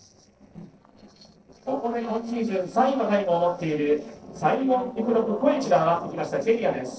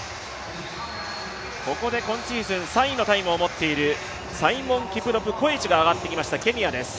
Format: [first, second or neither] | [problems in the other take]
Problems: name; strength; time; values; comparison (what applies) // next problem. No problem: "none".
second | noise reduction (neural separator model SepFormer DNS4)